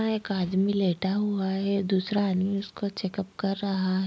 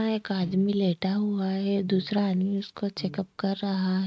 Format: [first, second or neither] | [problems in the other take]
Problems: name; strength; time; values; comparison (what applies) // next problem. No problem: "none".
first | noise reduction (neural mask model RNNoise)